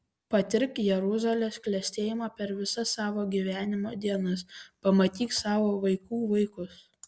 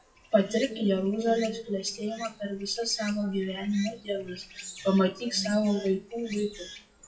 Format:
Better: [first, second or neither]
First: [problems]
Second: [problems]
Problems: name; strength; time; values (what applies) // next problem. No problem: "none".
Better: first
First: none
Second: noise reduction (classical method WPE with log-MMSE)